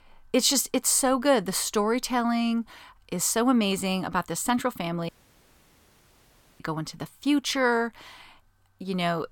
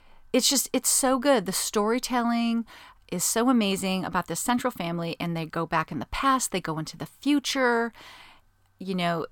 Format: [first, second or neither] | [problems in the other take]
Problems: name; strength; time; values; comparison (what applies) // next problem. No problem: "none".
second | audio cutting out; at 5 s for 1.5 s